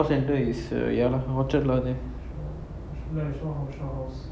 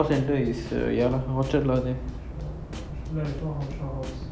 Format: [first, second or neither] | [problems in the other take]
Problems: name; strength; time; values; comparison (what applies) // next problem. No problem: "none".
first | background sound (Snare drum / Drum kit); 15 dB below the speech